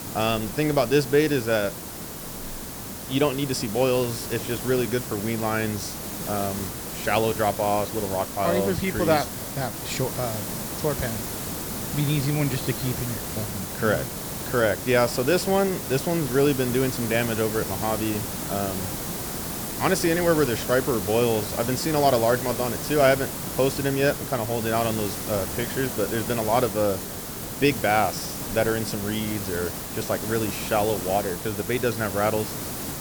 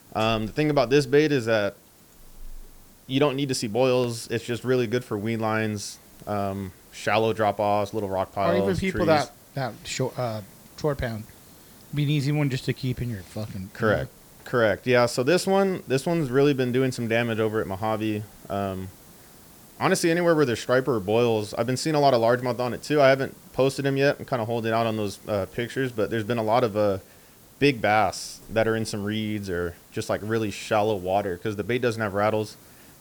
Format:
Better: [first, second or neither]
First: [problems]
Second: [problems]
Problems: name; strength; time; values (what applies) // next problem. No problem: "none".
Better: second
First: hiss; loud; throughout; 6 dB below the speech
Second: hiss; faint; throughout; 25 dB below the speech